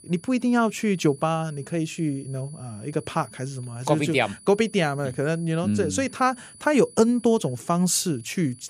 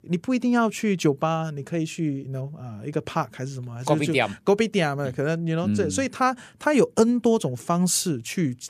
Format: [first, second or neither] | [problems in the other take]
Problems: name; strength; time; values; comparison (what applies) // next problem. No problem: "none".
second | high-pitched whine; faint; throughout; 10 kHz, 20 dB below the speech